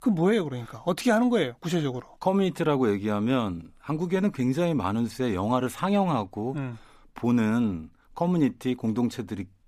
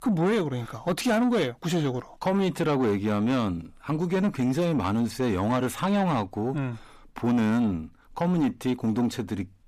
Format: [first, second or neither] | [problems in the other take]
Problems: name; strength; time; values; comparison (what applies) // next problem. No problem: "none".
first | distortion; slight; 10 dB below the speech